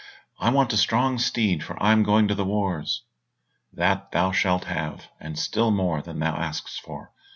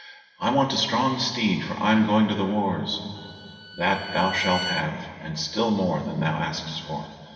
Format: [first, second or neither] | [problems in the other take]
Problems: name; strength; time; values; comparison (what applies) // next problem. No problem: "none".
first | background sound (Bowed string instrument); 11 dB below the speech // room echo; dies away in 2.5 s